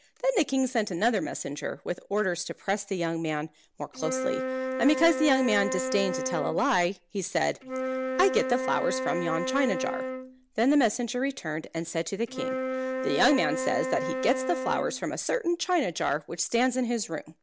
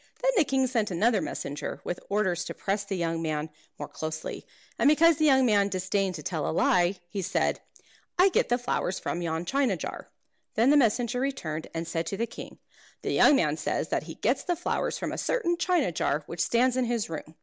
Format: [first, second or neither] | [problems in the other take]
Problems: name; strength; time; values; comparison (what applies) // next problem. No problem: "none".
second | background sound (Wind instrument, woodwind instrument); 4 dB below the speech